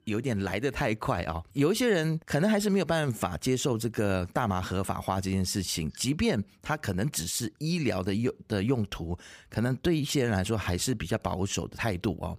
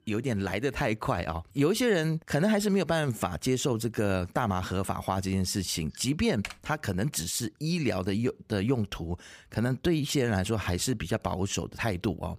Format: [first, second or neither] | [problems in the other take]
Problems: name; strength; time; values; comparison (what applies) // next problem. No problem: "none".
first | keyboard typing; faint; at 6.5 s; peak 10 dB below the speech